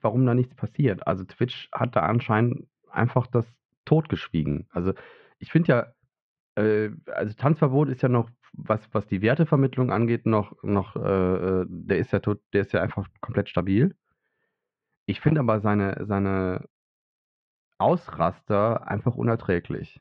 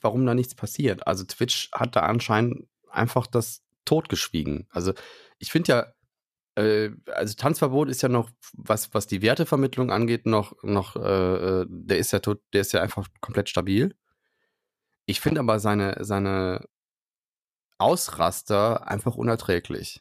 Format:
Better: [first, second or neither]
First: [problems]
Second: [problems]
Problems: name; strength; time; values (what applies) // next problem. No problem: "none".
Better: second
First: muffled; very; fading above 2.5 kHz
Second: none